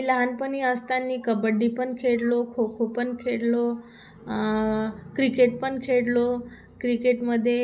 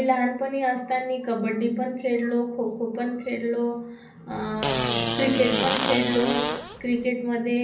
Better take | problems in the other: first | background sound (Fart); 1 dB below the speech // room echo; dies away in 0.6 s

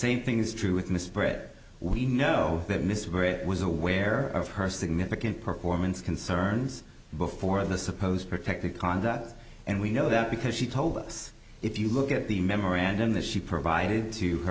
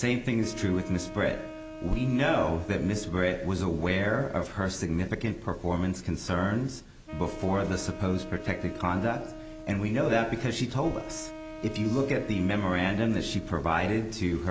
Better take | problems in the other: first | background sound (Wind instrument, woodwind instrument); 14 dB below the speech

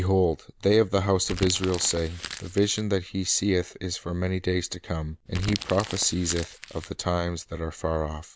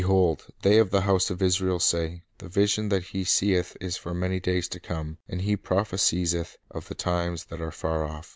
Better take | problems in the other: second | background sound (Crumpling, crinkling); 11 dB below the speech

